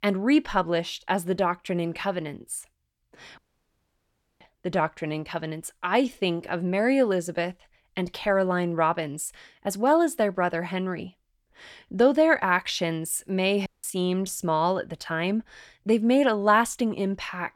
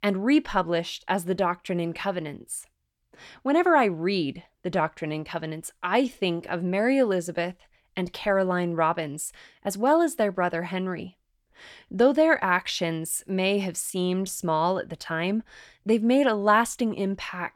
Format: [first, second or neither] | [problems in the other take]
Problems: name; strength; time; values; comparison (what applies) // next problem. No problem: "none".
second | audio cutting out; at 3.5 s for 1 s and at 14 s